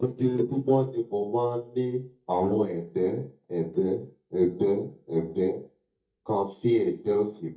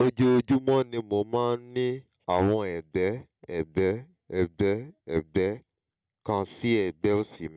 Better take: second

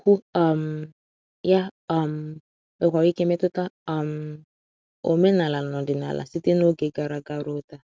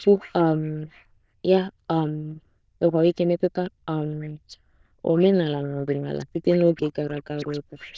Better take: first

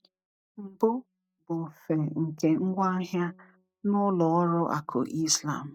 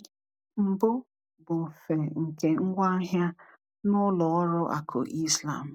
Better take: second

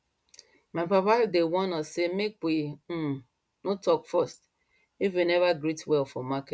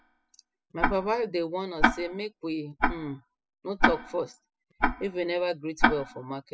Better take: first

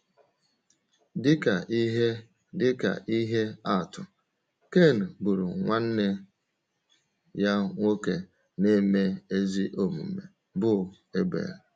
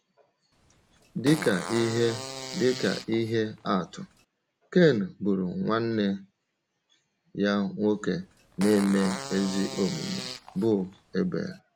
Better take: first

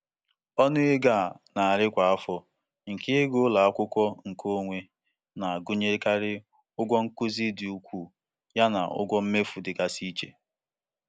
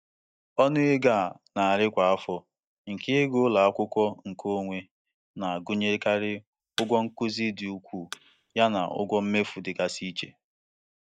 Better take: first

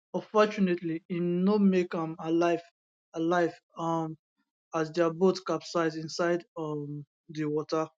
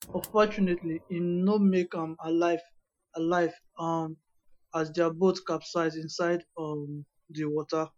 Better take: first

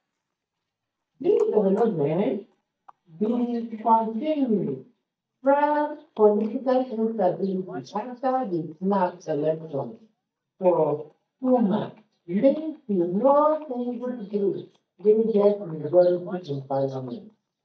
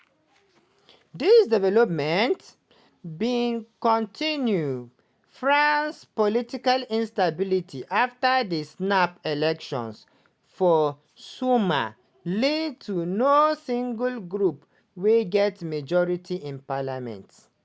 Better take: second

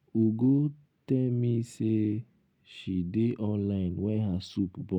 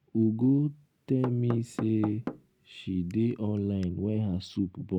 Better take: first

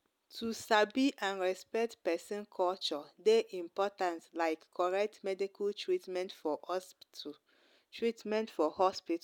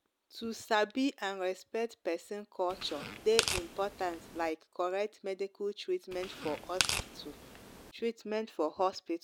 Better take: first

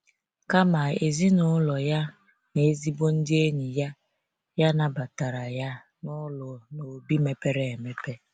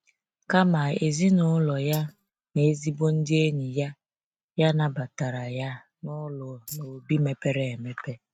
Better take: first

